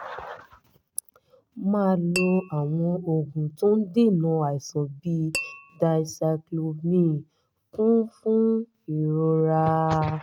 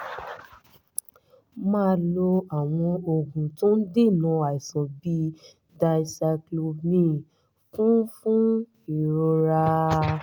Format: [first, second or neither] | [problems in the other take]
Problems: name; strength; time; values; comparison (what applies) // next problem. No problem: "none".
second | noise reduction (neural mask model RNNoise)